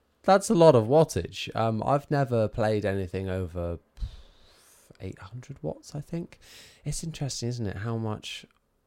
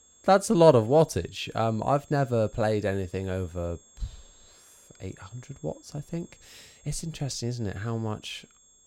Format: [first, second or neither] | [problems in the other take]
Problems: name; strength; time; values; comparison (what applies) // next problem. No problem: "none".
first | high-pitched whine; faint; throughout; 7.5 kHz, 30 dB below the speech